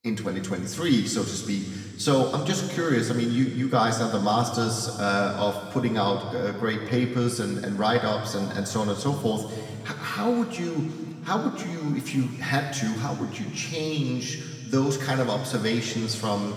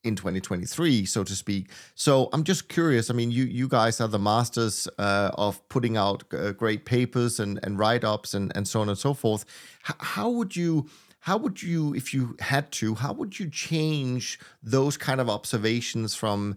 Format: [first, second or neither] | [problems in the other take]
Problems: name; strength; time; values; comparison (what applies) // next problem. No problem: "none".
second | room echo; noticeable; dies away in 2.2 s // off-mic speech; somewhat distant